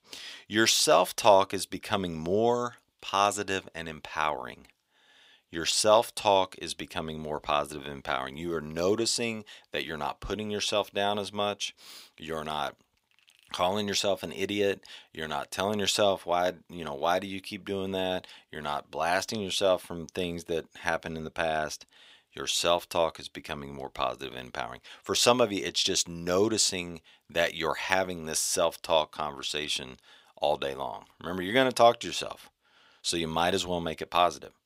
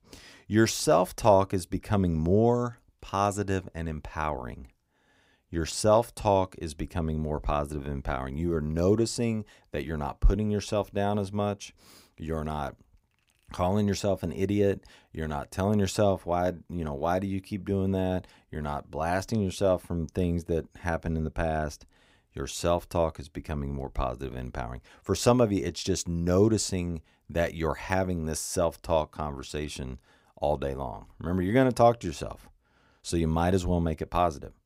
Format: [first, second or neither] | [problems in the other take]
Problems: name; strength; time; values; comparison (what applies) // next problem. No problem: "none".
second | thin; somewhat; fading below 750 Hz